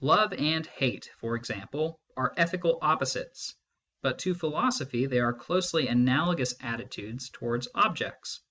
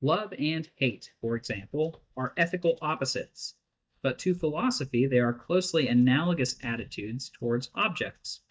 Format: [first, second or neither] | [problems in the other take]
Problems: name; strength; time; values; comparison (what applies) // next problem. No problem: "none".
first | noise reduction (neural mask model DeepFilterNet 3)